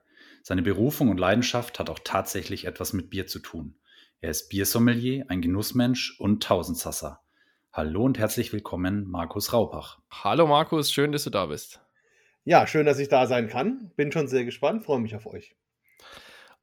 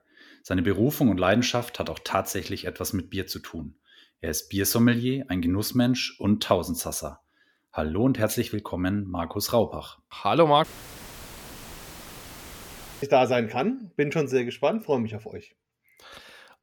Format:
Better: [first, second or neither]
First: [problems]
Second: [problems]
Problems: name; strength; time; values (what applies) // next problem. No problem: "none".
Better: first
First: none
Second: audio cutting out; filled with static; at 11 s for 2.5 s